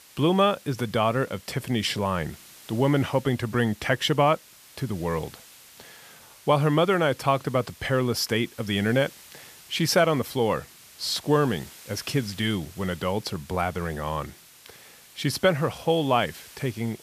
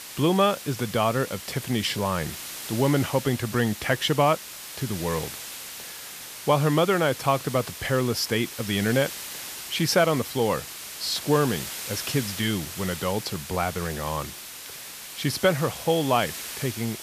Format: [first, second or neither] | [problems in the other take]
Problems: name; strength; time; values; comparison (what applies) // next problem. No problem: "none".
first | hiss; loud; throughout; 10 dB below the speech; faint in the first